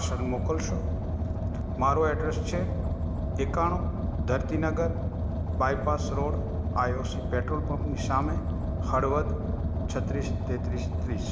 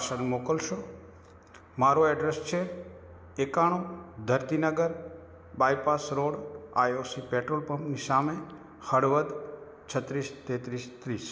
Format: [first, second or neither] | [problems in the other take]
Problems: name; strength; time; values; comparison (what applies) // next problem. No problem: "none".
second | background sound (Car); 3 dB above the speech